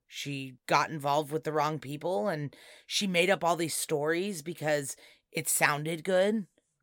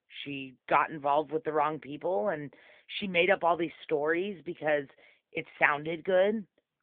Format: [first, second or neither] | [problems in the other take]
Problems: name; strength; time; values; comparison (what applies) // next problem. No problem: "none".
first | phone-call audio; nothing above 3.5 kHz